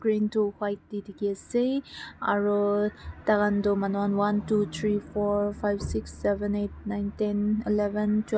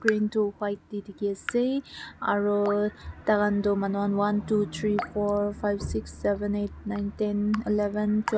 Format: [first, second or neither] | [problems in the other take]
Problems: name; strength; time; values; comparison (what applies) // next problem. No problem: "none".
first | background sound (Raindrop / Drip); 15 dB below the speech